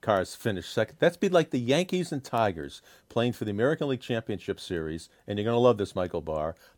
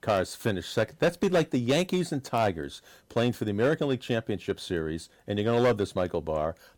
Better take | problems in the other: first | distortion; slight; 5% of the sound clipped

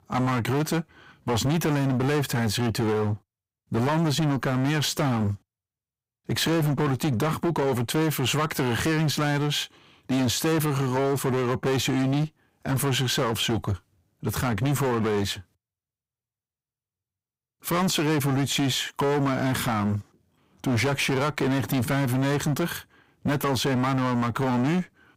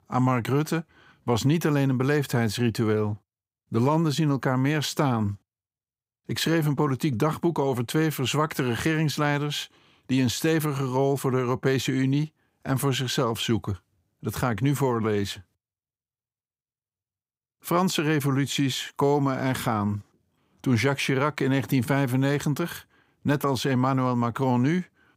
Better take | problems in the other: second | distortion; heavy; 21% of the sound clipped

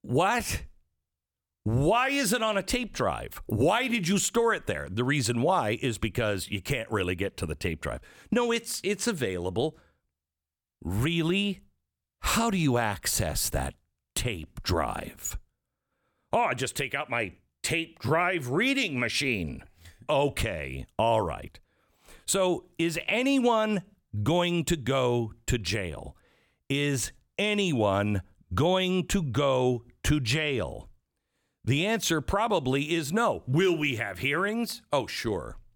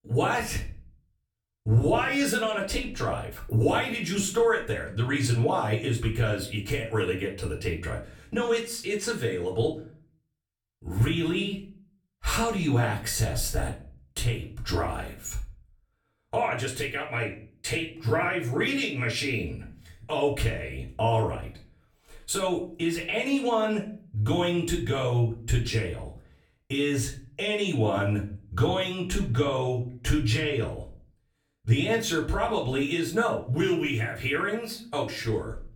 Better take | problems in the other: first | off-mic speech; far // room echo; slight; dies away in 0.3 s

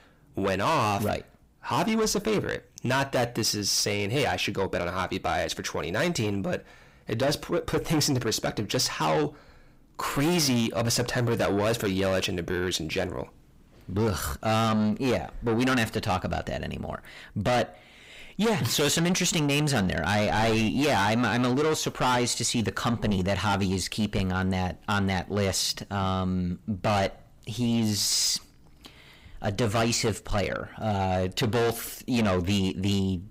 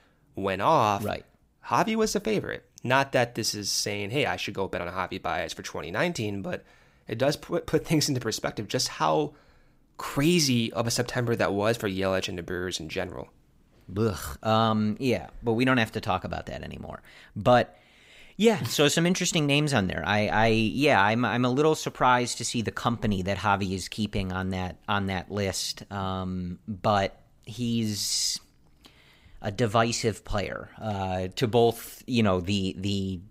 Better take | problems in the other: second | distortion; heavy; 6 dB below the speech

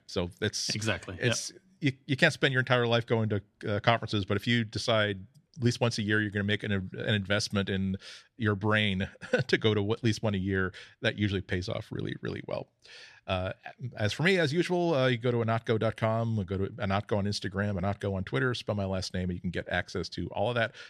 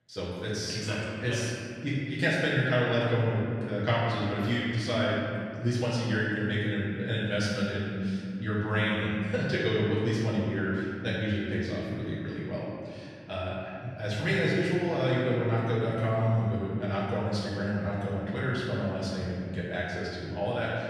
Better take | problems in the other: first | off-mic speech; far // room echo; strong; dies away in 2.5 s

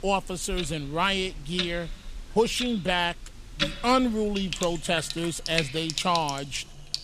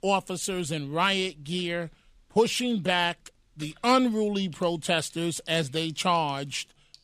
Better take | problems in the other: second | household noises; loud; throughout; 7 dB below the speech; faint in the second

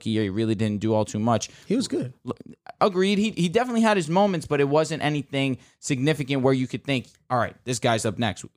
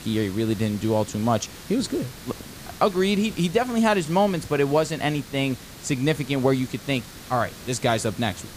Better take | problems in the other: first | hiss; noticeable; throughout; 15 dB below the speech

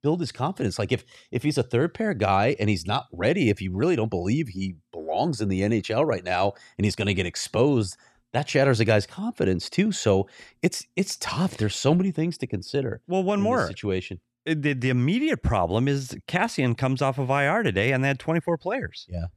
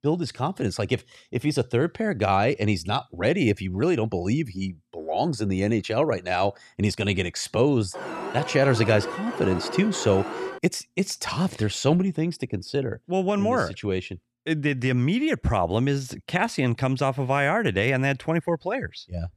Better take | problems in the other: first | alarm; noticeable; from 8 to 11 s; peak 6 dB below the speech

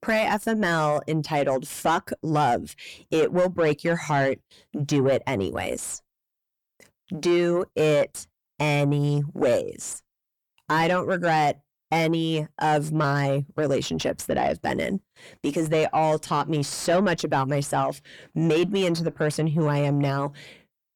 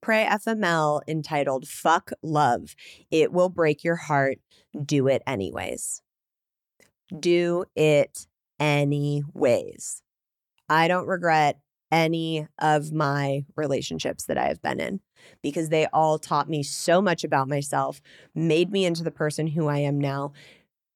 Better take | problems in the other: second | distortion; slight; 10 dB below the speech

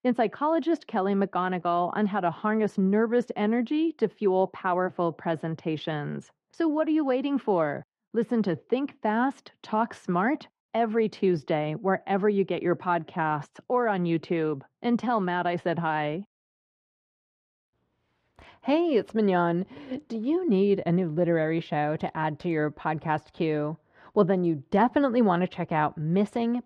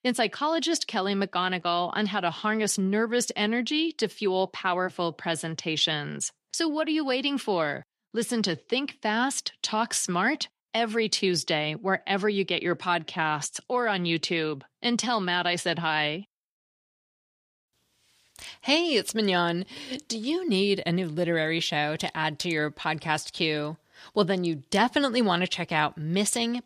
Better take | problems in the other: second | muffled; very; fading above 3 kHz

